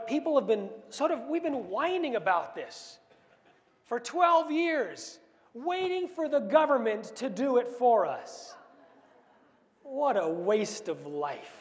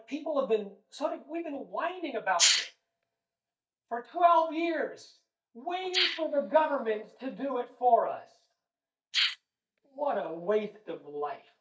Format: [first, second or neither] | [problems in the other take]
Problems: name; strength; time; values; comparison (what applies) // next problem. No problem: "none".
first | noise reduction (neural mask model DeepFilterNet 3)